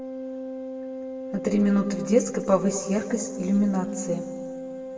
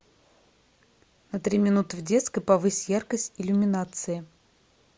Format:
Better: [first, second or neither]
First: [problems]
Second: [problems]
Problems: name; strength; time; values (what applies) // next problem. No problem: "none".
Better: second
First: background sound (Organ); 9 dB below the speech // room echo; dies away in 1.7 s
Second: none